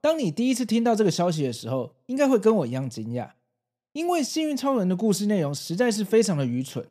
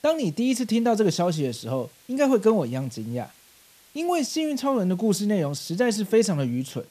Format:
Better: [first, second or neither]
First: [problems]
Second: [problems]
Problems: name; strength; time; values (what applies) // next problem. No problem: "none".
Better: first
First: none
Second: hiss; faint; throughout; 30 dB below the speech